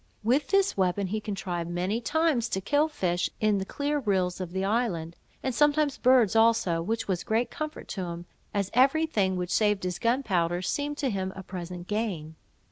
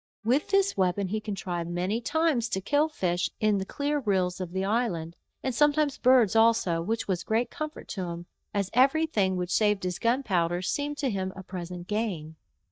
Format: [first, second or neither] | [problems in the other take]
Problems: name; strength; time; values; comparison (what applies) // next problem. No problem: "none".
first | noise reduction (neural mask model DeepFilterNet 3)